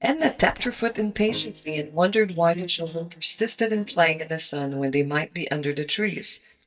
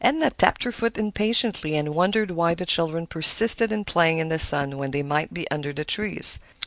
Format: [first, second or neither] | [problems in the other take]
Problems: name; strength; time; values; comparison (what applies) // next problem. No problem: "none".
second | noise reduction (neural mask model DeepFilterNet 3)